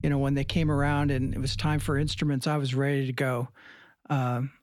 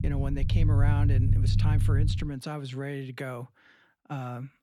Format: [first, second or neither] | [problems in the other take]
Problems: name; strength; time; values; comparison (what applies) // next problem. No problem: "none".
first | low rumble; loud; until 2 s; 2 dB below the speech; faint in the first